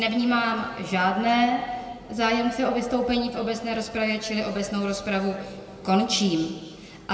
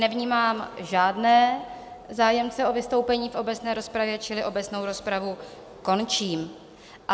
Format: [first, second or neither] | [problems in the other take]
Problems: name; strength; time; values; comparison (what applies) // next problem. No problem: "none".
second | room echo; dies away in 1.6 s